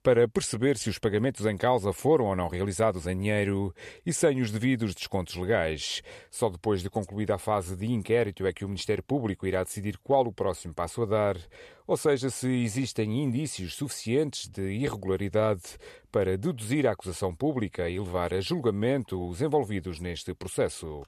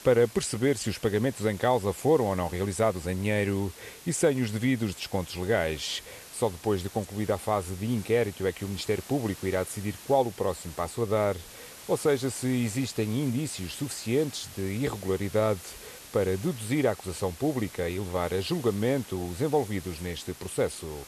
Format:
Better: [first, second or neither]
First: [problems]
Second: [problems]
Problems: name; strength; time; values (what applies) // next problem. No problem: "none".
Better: first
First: none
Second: hiss; noticeable; throughout; 15 dB below the speech